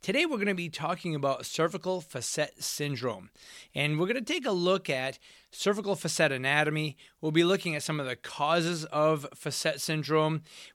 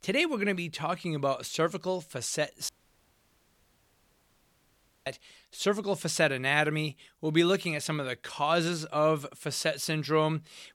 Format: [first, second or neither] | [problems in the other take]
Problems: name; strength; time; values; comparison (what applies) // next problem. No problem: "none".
first | audio cutting out; at 2.5 s for 2.5 s